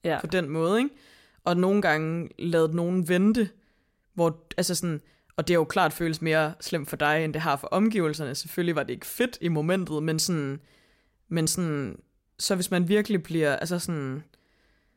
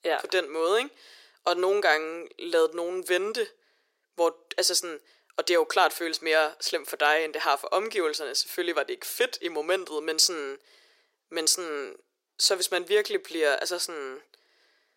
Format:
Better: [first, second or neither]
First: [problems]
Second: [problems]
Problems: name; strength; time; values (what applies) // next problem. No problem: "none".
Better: first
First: none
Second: thin; very; fading below 350 Hz